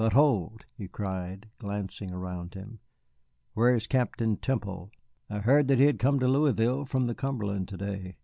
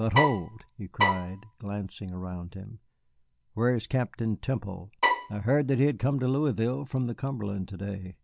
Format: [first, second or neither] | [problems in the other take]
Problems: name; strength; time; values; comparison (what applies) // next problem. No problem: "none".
first | background sound (Bowed string instrument); as loud as the speech